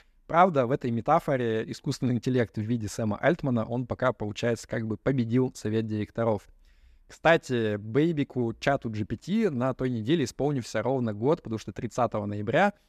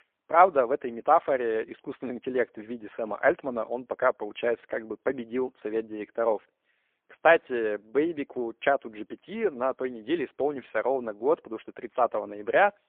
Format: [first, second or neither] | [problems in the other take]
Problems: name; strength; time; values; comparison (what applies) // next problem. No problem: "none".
first | phone-call audio; poor line; nothing above 3.5 kHz